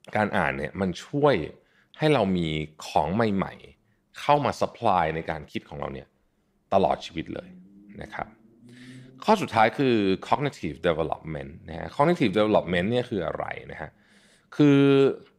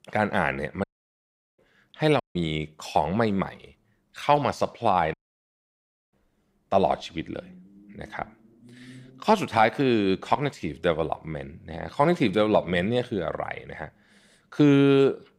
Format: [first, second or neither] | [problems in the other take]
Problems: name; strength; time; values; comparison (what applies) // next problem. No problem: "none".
first | audio cutting out; at 1 s for 0.5 s, at 2 s and at 5 s for 1 s